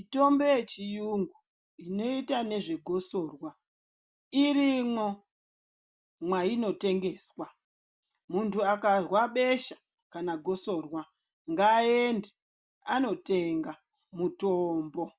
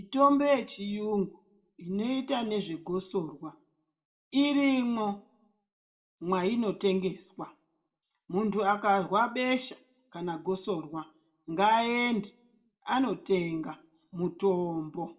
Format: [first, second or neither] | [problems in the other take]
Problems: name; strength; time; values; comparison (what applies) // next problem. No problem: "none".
first | room echo; dies away in 0.4 s